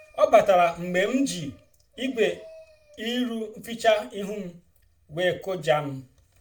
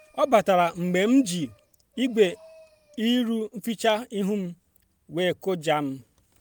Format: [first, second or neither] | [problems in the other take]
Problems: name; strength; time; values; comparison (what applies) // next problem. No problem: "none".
second | room echo; dies away in 0.3 s